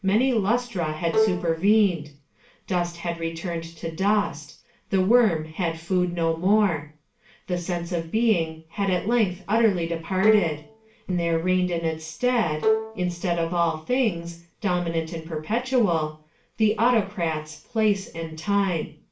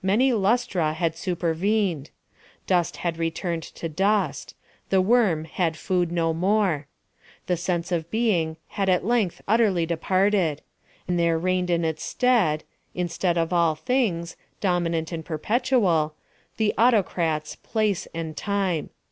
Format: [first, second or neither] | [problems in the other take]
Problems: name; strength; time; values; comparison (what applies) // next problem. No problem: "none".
second | background sound (Bowed string instrument); 3 dB below the speech // room echo; dies away in 0.3 s